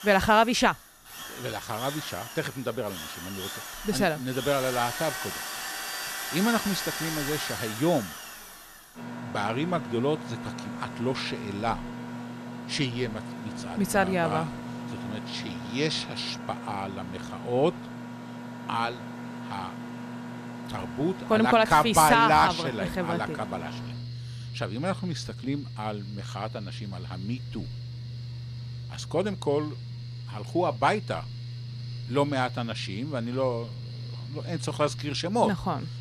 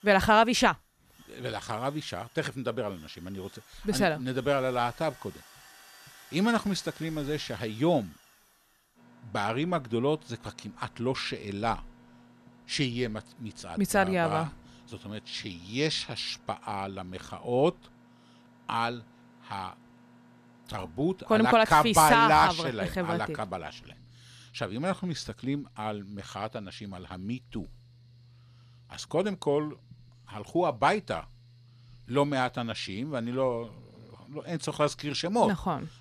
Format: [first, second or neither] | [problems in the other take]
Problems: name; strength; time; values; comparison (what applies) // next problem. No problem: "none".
second | machinery noise; loud; throughout; 9 dB below the speech; faint in the second